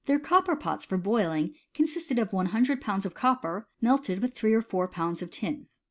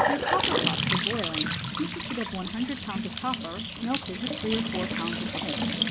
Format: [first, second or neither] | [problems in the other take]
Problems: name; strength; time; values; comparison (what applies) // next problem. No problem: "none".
first | background sound (Trickle, dribble / Bathtub (filling or washing) / Sink (filling or washing) / Gurgling / Splash, splatter); 4 dB above the speech